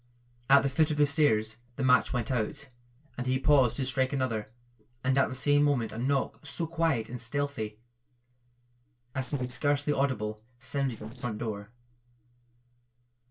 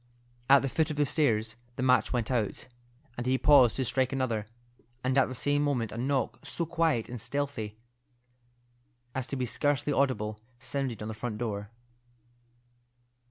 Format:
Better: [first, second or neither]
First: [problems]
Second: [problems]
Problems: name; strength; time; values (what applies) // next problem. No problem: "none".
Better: second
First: noise reduction (neural separator model SepFormer DNS4)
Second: none